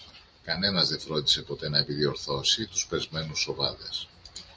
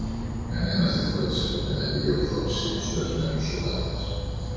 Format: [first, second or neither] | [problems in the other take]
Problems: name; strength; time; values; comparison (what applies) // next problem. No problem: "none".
first | background sound (Insect / Frog); 2 dB below the speech // room echo; dies away in 2 s